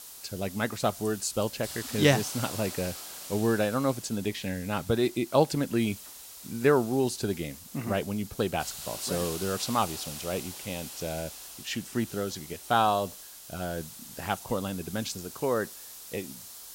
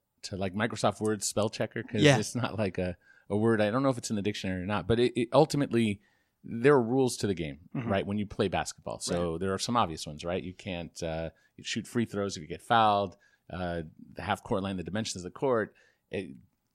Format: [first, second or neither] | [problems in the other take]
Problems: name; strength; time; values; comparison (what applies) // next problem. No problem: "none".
second | hiss; noticeable; throughout; 10 dB below the speech